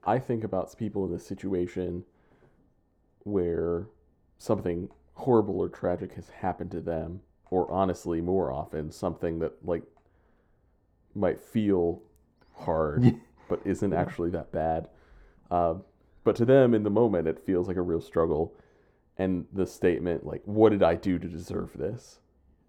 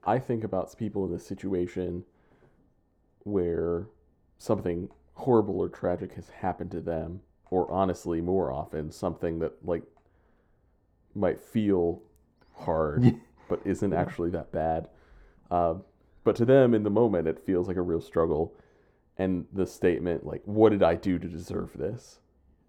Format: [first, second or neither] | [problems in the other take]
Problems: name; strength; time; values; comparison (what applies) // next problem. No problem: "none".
neither | muffled; very; fading above 1.5 kHz; the same in both